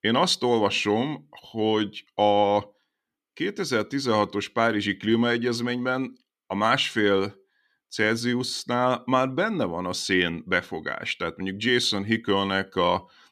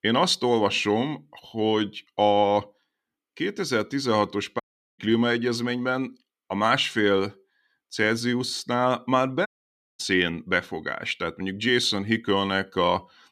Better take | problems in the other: first | audio cutting out; at 4.5 s and at 9.5 s for 0.5 s

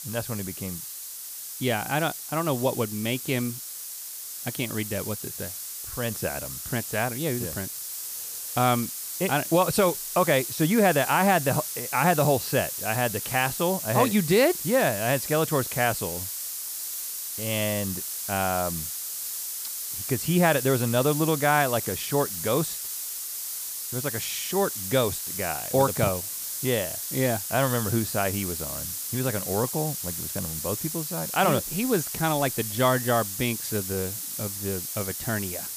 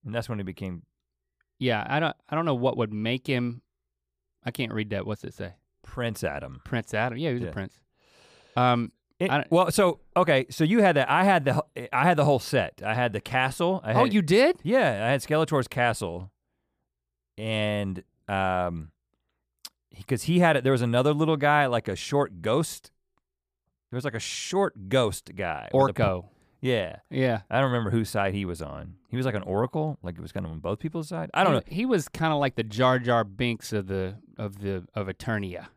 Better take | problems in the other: second | hiss; loud; throughout; 5 dB below the speech

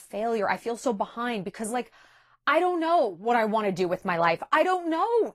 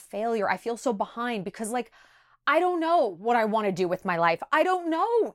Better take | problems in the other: second | garbled, watery; slightly

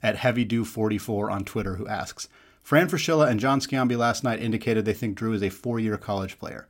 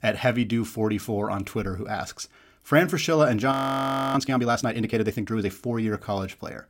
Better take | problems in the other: first | audio freezing; at 3.5 s for 0.5 s

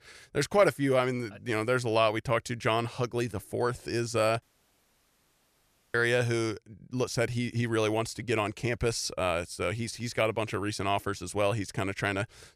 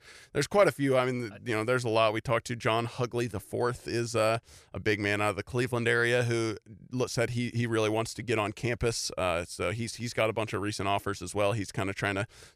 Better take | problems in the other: second | audio cutting out; at 4.5 s for 1.5 s

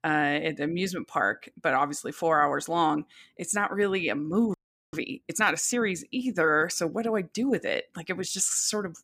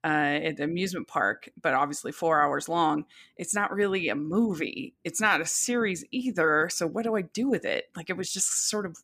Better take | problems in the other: second | audio freezing; at 4.5 s

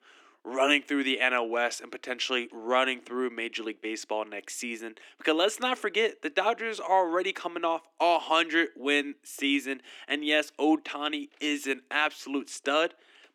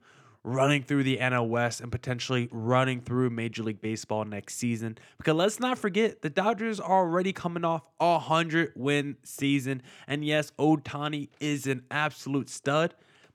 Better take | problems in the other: second | thin; very slightly; fading below 300 Hz

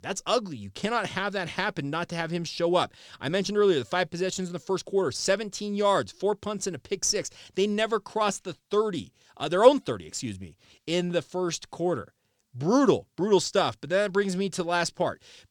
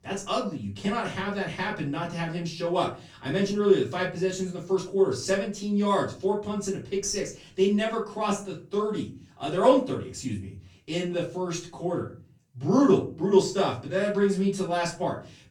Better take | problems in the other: first | off-mic speech; far // room echo; slight; dies away in 0.4 s

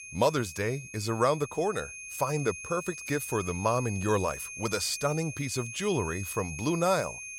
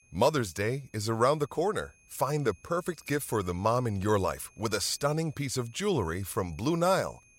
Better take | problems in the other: second | high-pitched whine; loud; throughout; 2.5 kHz, 9 dB below the speech; faint in the second

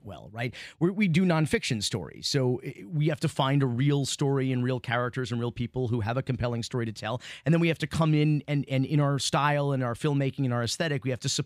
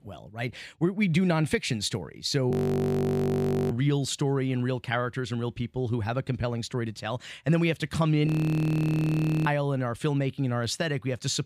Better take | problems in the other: first | audio freezing; at 2.5 s for 1 s and at 8.5 s for 1 s

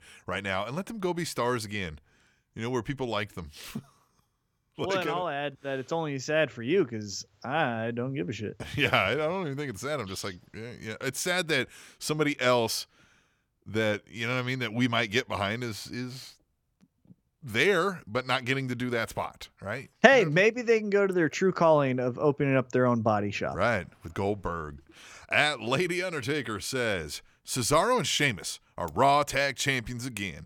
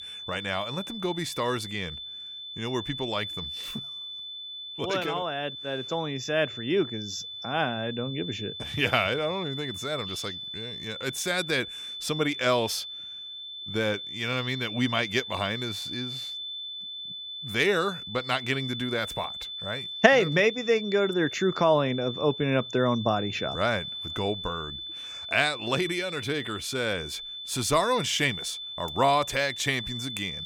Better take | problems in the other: first | high-pitched whine; loud; throughout; 3.5 kHz, 7 dB below the speech

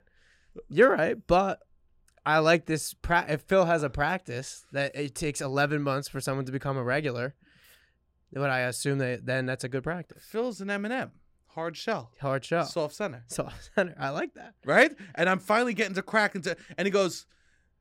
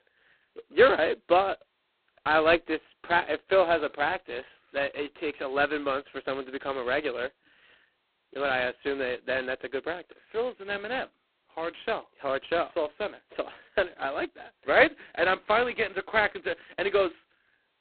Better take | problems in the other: first | phone-call audio; poor line; nothing above 4 kHz

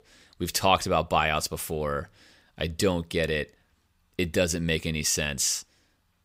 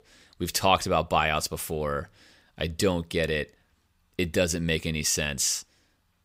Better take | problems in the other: neither | none

